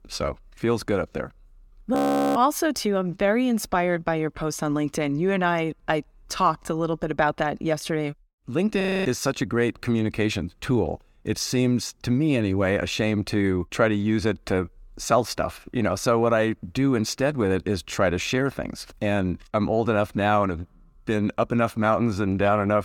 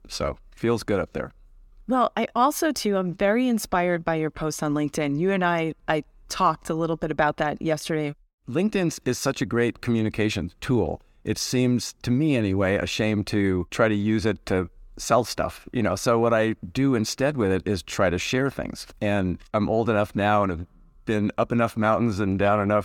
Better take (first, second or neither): second